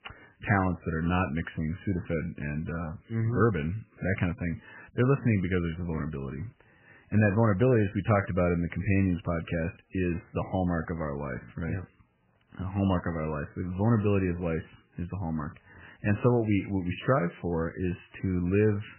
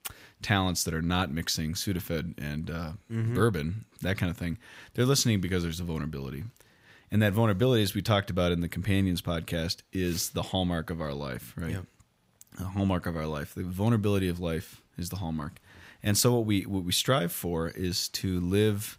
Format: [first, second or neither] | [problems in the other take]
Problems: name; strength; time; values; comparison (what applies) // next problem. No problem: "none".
second | garbled, watery; badly; nothing above 3 kHz